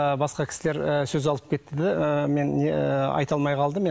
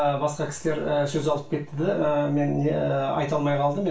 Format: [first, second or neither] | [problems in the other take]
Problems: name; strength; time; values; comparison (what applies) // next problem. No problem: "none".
first | room echo; dies away in 0.3 s